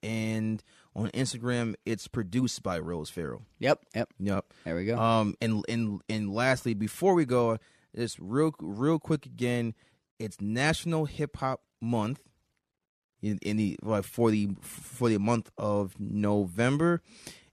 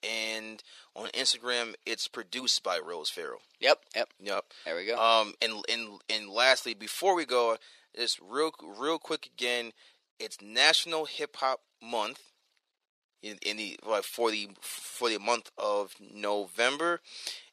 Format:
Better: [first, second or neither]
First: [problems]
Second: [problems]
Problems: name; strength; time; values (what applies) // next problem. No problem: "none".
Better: first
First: none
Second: thin; very; fading below 500 Hz